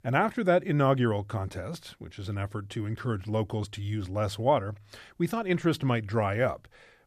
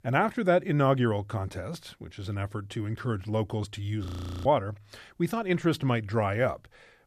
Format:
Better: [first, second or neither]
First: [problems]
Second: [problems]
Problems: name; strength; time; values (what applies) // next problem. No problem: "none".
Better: first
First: none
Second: audio freezing; at 4 s